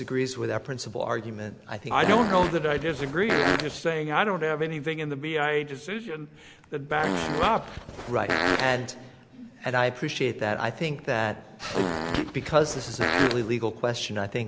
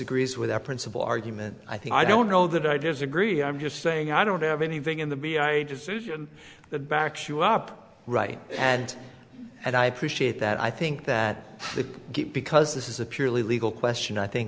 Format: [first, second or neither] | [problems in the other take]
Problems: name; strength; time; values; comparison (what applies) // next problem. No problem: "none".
second | background sound (Fart); 2 dB below the speech